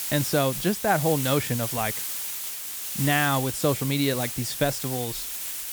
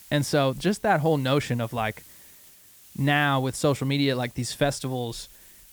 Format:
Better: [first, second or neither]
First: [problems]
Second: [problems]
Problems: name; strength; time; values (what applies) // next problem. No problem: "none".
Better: second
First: hiss; loud; throughout; 4 dB below the speech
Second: hiss; faint; throughout; 25 dB below the speech